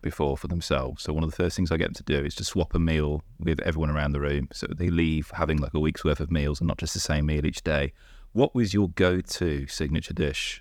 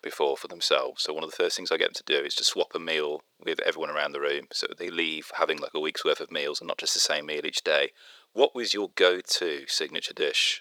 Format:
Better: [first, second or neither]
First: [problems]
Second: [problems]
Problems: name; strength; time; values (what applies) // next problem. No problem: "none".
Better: first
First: none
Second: thin; very; fading below 450 Hz